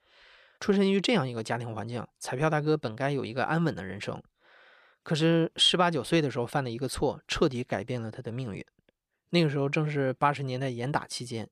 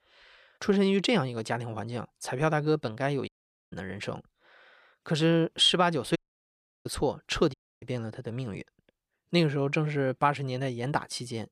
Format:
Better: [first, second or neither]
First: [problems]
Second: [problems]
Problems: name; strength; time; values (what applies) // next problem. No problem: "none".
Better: first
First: none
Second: audio cutting out; at 3.5 s, at 6 s for 0.5 s and at 7.5 s